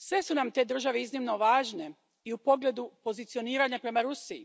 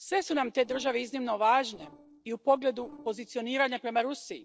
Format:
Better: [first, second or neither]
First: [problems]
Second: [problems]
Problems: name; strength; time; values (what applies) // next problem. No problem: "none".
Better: first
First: none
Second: noise reduction (neural separator model SepFormer DNS4)